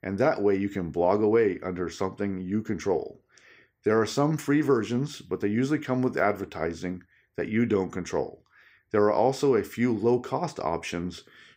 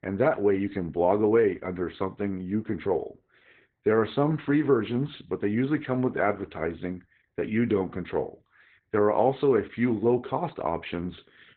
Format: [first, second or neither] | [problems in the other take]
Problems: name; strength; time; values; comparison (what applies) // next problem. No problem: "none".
first | garbled, watery; badly; nothing above 4 kHz